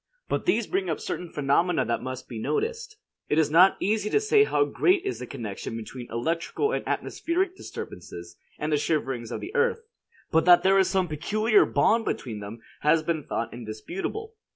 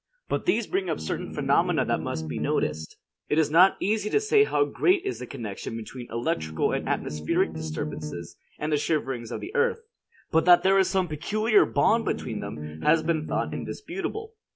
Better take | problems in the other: first | background sound (Bass guitar); 7 dB below the speech

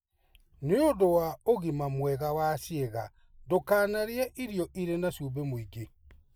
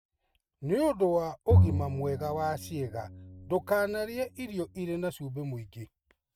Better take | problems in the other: first | noise reduction (neural mask model RNNoise)

